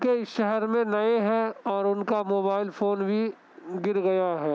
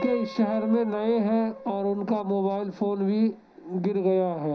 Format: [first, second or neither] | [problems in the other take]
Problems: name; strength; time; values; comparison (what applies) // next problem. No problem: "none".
first | background sound (Piano); 15 dB below the speech // room echo; dies away in 0.5 s